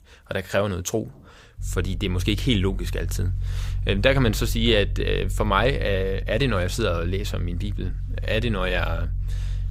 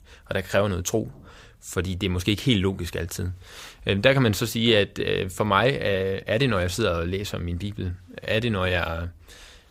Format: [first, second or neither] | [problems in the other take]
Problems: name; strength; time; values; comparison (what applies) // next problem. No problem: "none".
second | low rumble; faint; from 1.5 s on; 25 dB below the speech